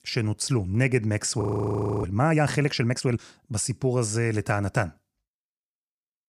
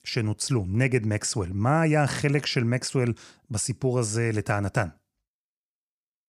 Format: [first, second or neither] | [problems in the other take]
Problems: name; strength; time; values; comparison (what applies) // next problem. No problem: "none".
second | audio freezing; at 1.5 s for 0.5 s